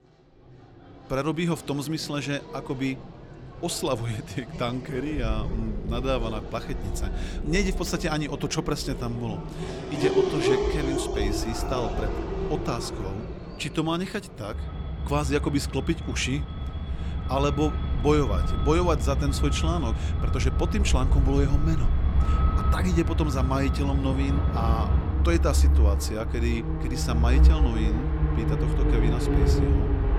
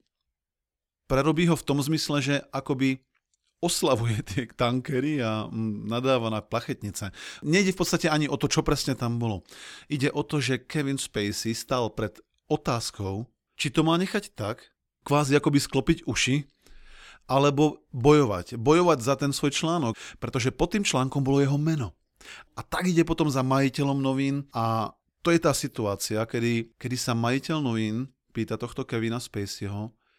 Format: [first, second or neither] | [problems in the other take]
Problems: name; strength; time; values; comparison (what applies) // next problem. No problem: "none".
second | traffic noise; very loud; throughout; 2 dB above the speech